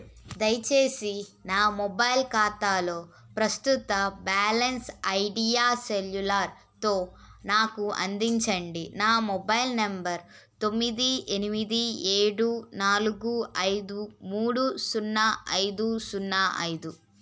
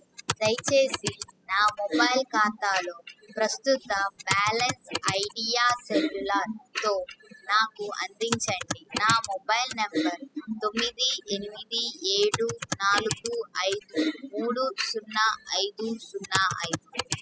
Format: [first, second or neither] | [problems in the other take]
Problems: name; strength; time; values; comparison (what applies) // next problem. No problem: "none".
first | noise reduction (classical method spectral subtraction)